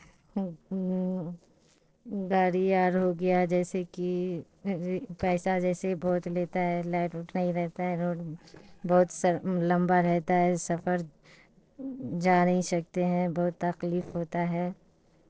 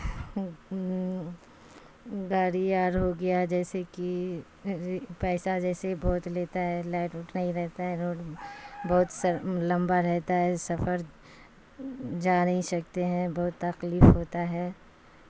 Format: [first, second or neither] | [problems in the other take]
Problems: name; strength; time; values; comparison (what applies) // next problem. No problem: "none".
second | noise reduction (neural separator model SepFormer DNS4)